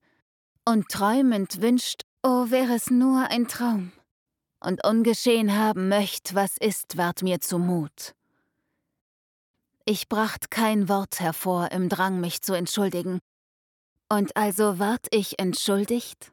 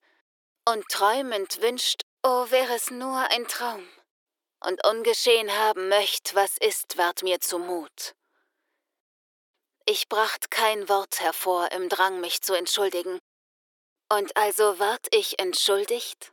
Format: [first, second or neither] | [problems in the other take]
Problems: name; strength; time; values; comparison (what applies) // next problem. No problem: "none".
first | thin; very; fading below 350 Hz